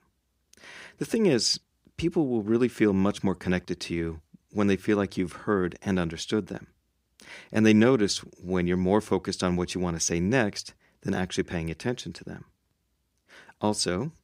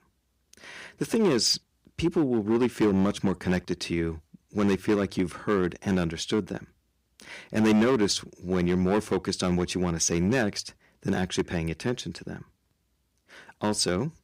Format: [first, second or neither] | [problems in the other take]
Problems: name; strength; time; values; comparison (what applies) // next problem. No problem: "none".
first | distortion; slight; 4% of the sound clipped